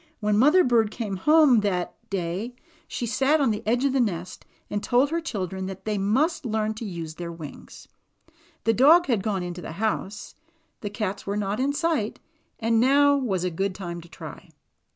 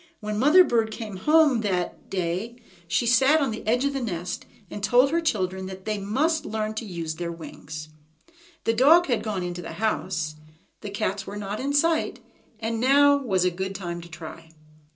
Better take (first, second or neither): first